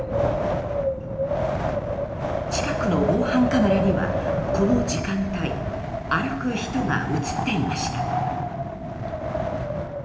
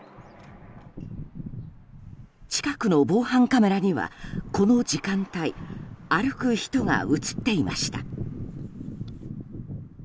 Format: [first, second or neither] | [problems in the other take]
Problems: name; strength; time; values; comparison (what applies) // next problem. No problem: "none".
second | background sound (Wind); as loud as the speech // room echo; dies away in 0.8 s